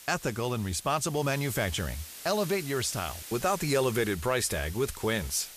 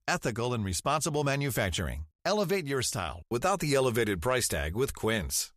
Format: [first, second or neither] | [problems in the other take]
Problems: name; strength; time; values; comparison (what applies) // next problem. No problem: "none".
second | hiss; noticeable; throughout; 15 dB below the speech